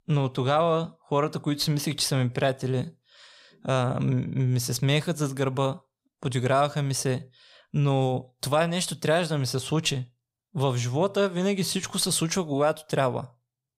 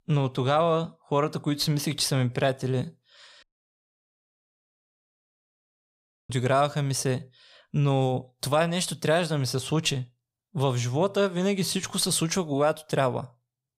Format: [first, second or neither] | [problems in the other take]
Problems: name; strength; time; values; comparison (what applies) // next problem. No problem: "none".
first | audio cutting out; at 3.5 s for 3 s